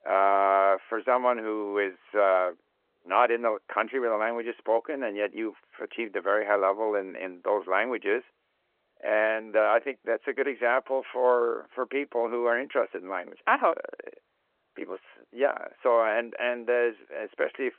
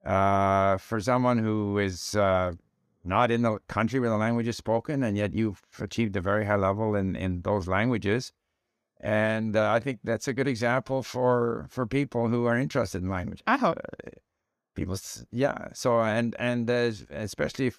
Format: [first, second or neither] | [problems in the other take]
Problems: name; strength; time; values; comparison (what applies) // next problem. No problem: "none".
second | phone-call audio